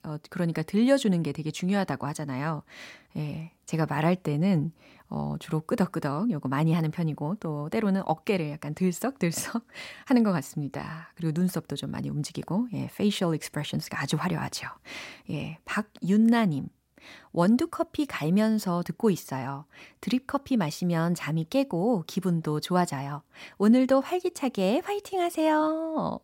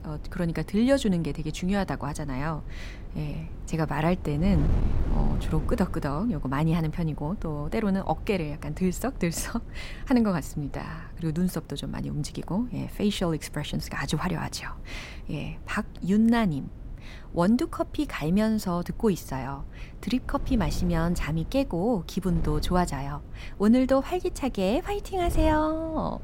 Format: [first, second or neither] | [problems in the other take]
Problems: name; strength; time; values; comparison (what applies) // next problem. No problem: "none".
first | wind noise on the microphone; occasional gusts; 20 dB below the speech